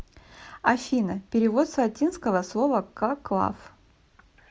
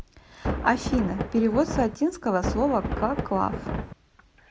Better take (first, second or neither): first